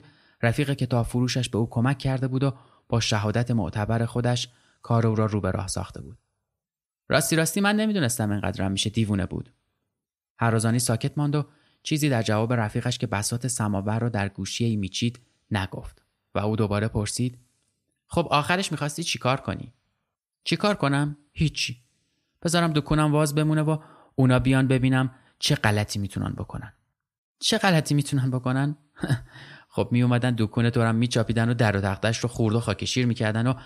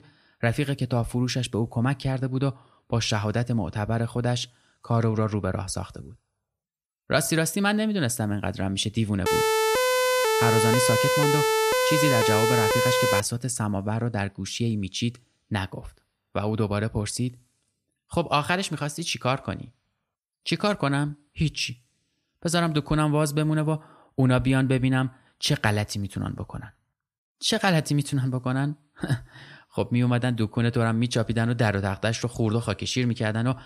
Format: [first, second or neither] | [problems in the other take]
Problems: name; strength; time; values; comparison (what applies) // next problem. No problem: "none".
first | siren; loud; from 9.5 to 13 s; peak 4 dB above the speech